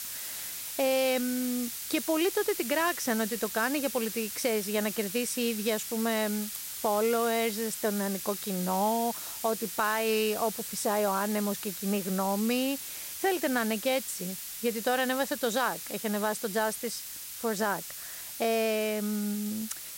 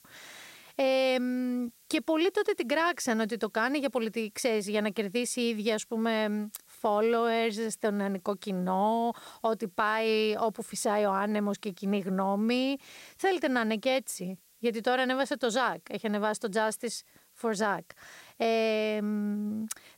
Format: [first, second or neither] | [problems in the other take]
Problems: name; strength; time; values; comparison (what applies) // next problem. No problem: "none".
second | hiss; loud; throughout; 6 dB below the speech; faint in the second